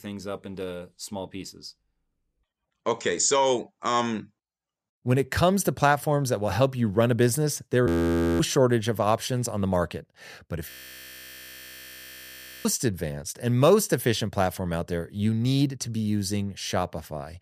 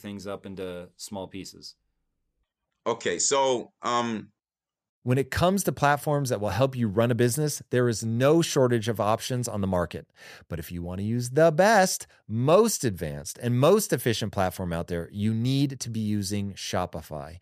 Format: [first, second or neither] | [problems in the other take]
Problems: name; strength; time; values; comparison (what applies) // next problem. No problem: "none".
second | audio freezing; at 8 s for 0.5 s and at 11 s for 2 s